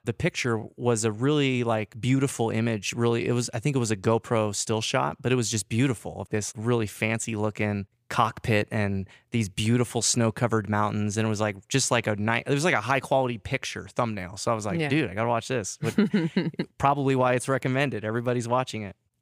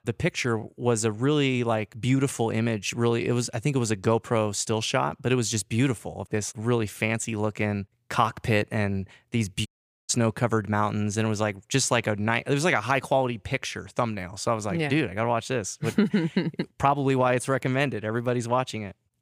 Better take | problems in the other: first | audio cutting out; at 9.5 s

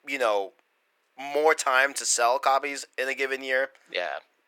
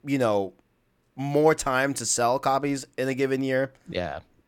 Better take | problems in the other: second | thin; very; fading below 500 Hz

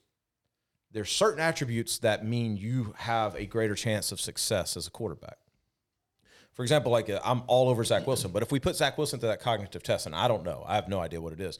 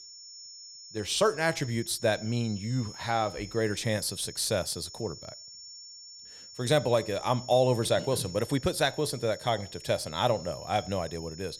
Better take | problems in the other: first | high-pitched whine; noticeable; throughout; 5.5 kHz, 15 dB below the speech

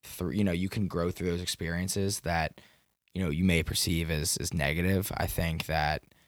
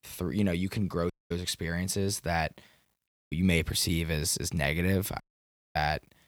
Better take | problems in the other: first | audio cutting out; at 1 s, at 3 s and at 5 s for 0.5 s

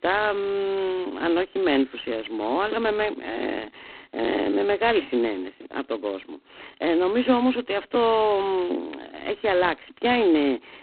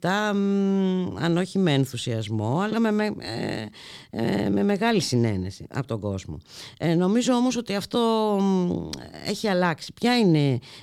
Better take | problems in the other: second | phone-call audio; poor line; nothing above 4 kHz

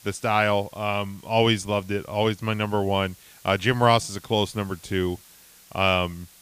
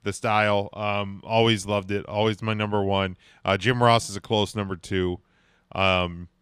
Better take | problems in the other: second | hiss; faint; throughout; 25 dB below the speech

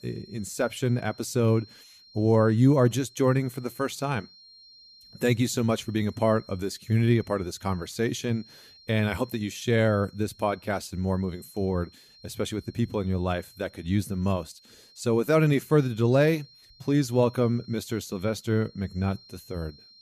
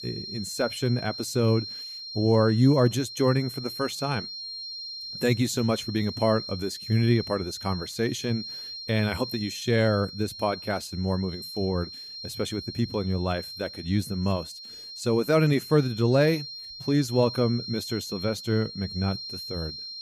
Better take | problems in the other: first | high-pitched whine; loud; throughout; 4 kHz, 10 dB below the speech; faint in the first

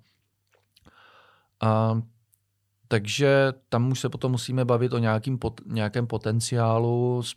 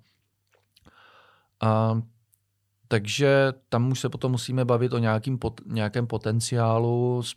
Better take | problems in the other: neither | none

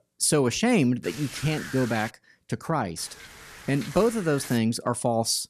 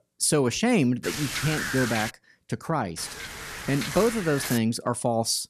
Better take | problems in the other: first | wind noise on the microphone; heavy; from 1 to 2 s and from 3 to 4.5 s; 4 dB below the speech; occasional gusts in the first

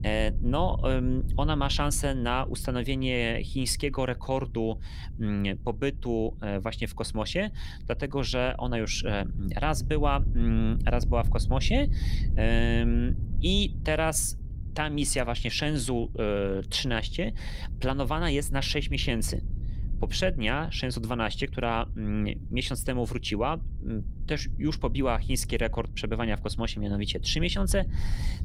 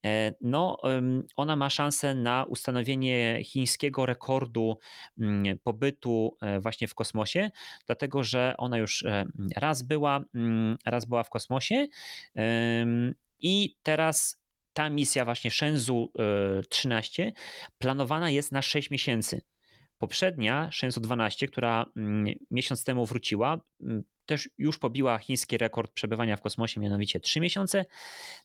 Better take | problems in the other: second | low rumble; noticeable; throughout; 20 dB below the speech

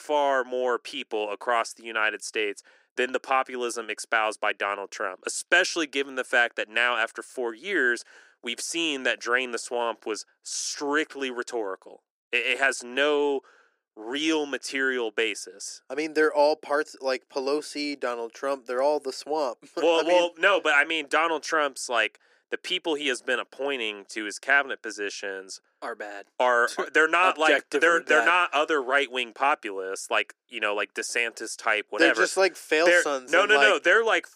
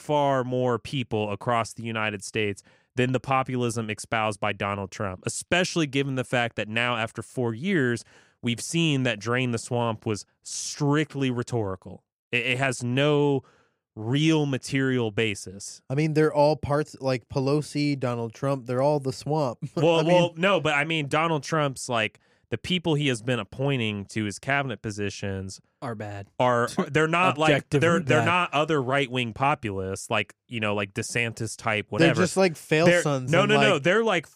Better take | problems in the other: second | thin; very; fading below 300 Hz

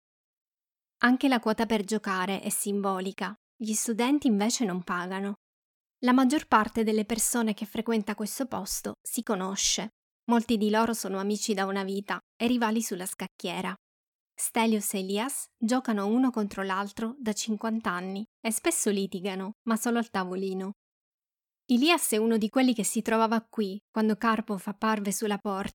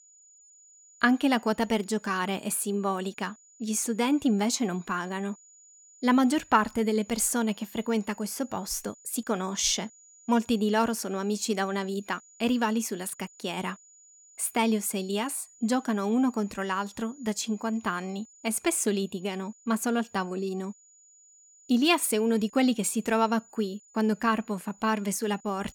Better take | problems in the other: first | high-pitched whine; faint; throughout; 7 kHz, 25 dB below the speech

